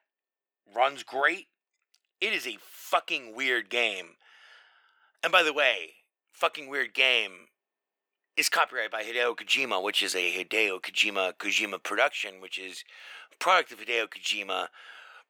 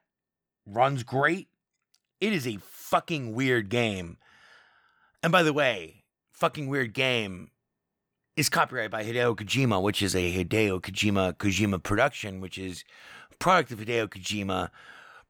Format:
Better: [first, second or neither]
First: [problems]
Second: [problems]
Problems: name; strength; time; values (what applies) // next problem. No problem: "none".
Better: second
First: thin; very; fading below 400 Hz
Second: none